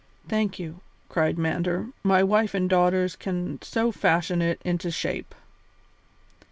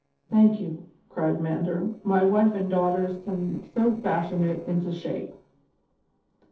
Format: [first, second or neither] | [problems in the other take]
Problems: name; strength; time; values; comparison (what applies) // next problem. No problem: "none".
first | noise reduction (neural separator model SepFormer DNS4)